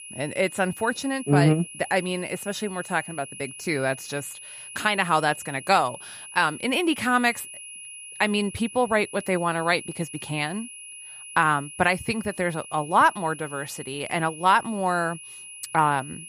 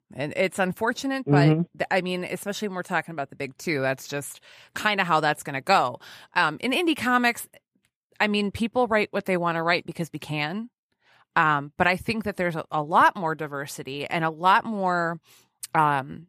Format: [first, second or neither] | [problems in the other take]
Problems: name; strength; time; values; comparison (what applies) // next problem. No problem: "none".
second | high-pitched whine; noticeable; throughout; 10.5 kHz, 15 dB below the speech